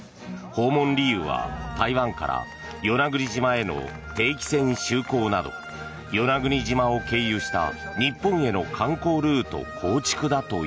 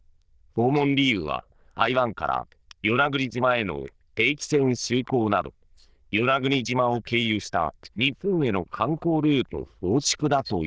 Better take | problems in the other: first | noise reduction (neural diffusion model UNIVERSE++)

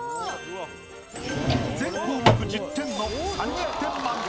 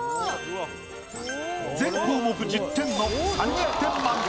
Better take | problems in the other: second | background sound (Drawer open or close); 4 dB above the speech

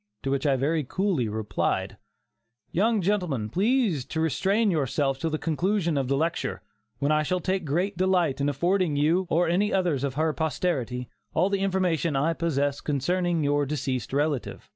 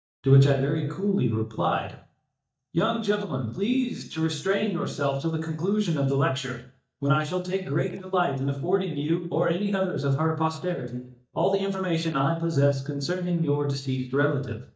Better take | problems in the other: first | noise reduction (neural mask model DeepFilterNet 3)

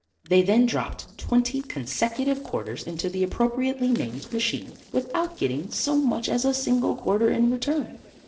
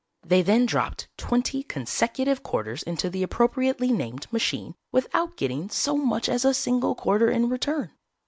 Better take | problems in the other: second | noise reduction (neural separator model SepFormer DNS4)

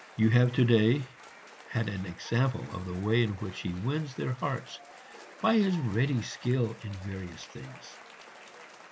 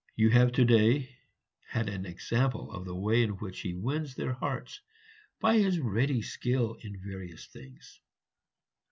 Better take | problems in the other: second | background sound (Applause / Cheering); 20 dB below the speech

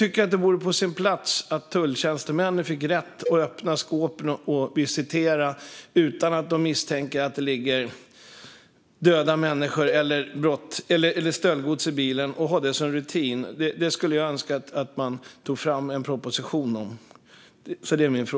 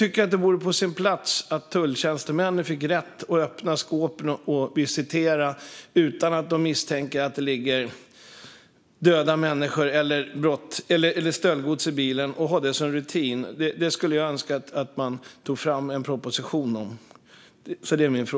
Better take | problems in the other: second | background sound (Cowbell); 11 dB below the speech

